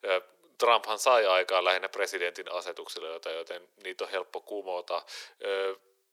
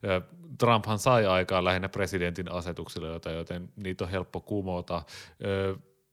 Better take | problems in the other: second | thin; very; fading below 400 Hz

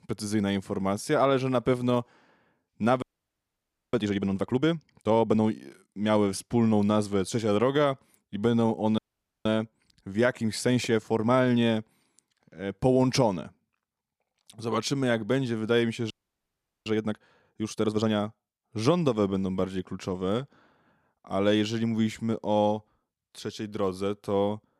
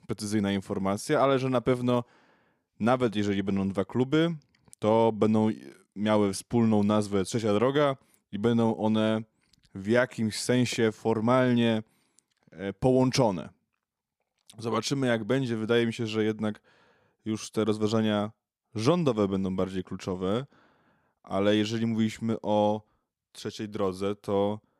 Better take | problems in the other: second | audio freezing; at 3 s for 1 s, at 9 s and at 16 s for 1 s

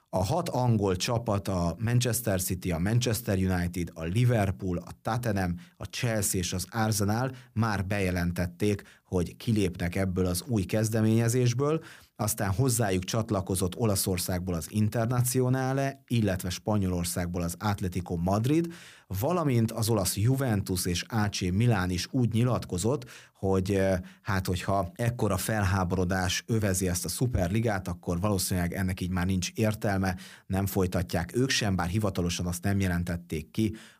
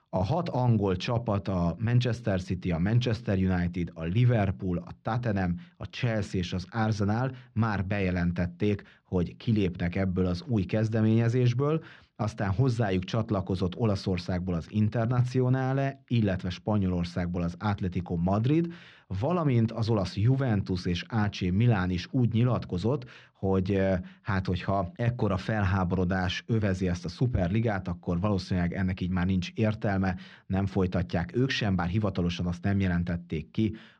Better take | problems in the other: first | muffled; slightly; fading above 4 kHz

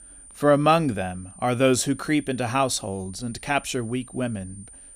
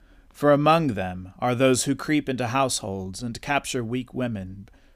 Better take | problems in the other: second | high-pitched whine; noticeable; throughout; 9 kHz, 20 dB below the speech

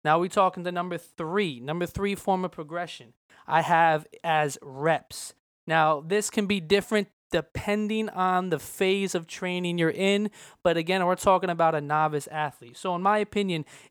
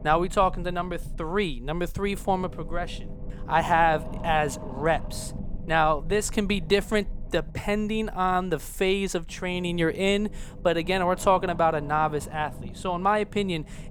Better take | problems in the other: first | low rumble; faint; throughout; 20 dB below the speech

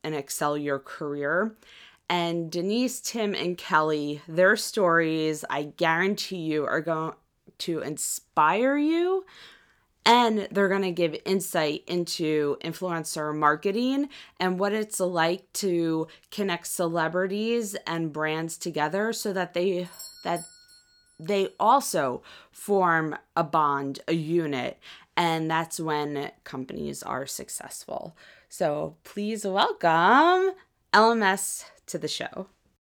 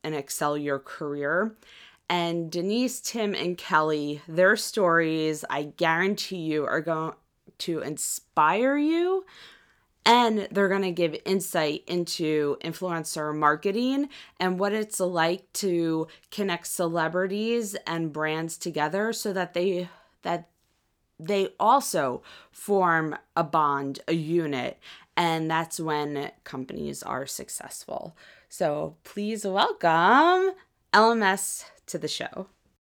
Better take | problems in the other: second | doorbell; faint; at 20 s; peak 15 dB below the speech

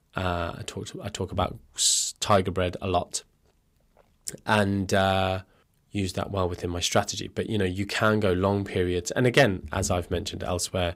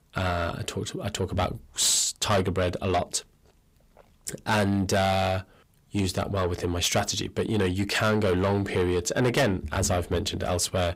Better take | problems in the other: first | distortion; heavy; 7 dB below the speech

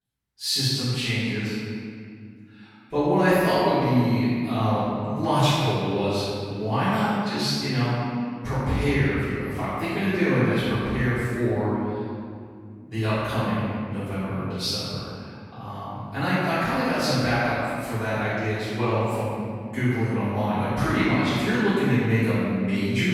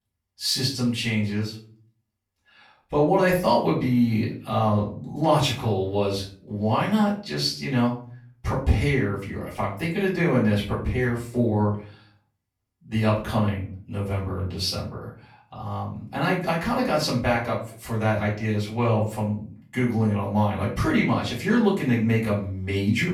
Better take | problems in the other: second | room echo; strong; dies away in 2.1 s; slight in the second // off-mic speech; far; far in the second

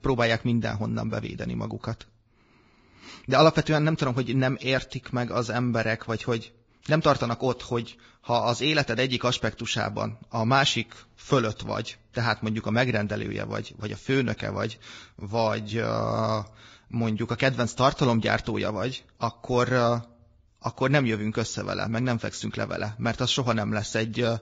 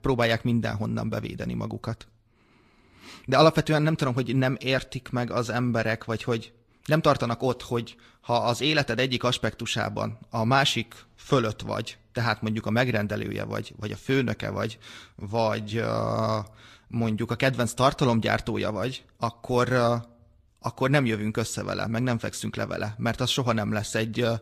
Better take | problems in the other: second | garbled, watery; badly; nothing above 7.5 kHz; slightly in the second

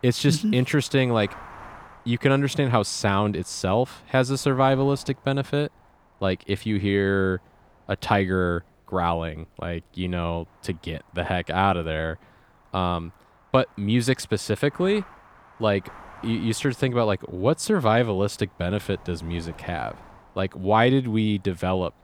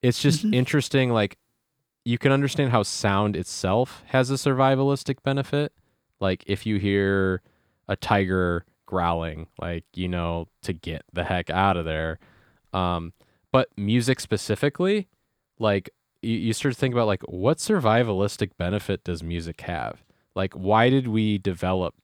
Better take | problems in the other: second | wind noise on the microphone; occasional gusts; 25 dB below the speech

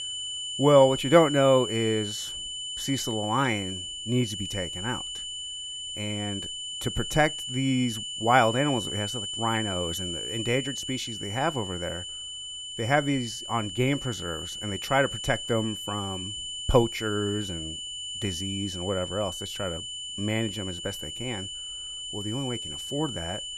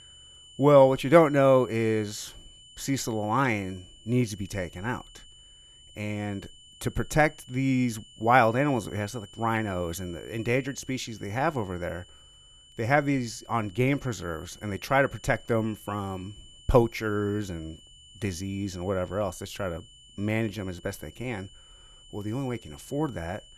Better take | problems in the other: second | high-pitched whine; loud; throughout; 3 kHz, 6 dB below the speech; faint in the second

